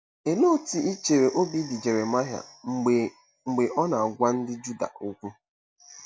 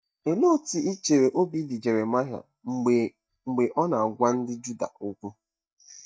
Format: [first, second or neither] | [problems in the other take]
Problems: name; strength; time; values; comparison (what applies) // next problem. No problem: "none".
first | noise reduction (neural mask model DeepFilterNet 3)